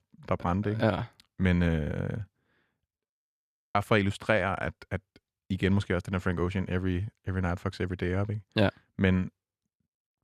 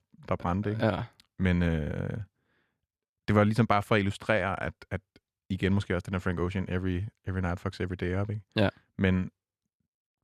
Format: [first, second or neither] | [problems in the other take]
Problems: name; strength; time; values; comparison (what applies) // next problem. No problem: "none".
second | audio freezing; at 3 s for 0.5 s